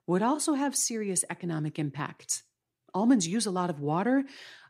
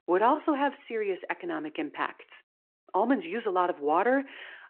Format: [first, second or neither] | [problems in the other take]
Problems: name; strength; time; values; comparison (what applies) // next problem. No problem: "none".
first | phone-call audio